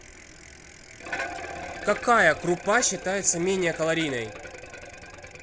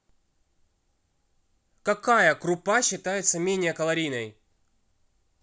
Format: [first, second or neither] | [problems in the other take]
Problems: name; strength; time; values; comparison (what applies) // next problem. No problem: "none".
second | background sound (Bicycle); 11 dB below the speech